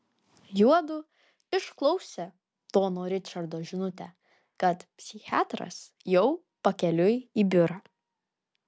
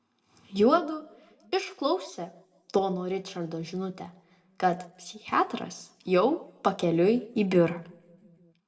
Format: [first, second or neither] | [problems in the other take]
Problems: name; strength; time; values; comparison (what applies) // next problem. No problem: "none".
first | room echo; dies away in 0.5 s